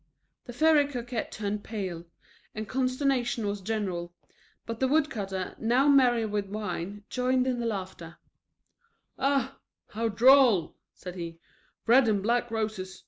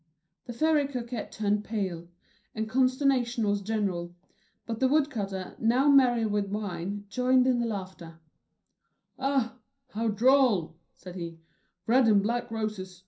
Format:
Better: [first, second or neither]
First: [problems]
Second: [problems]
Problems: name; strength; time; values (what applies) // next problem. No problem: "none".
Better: first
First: none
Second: room echo; dies away in 0.3 s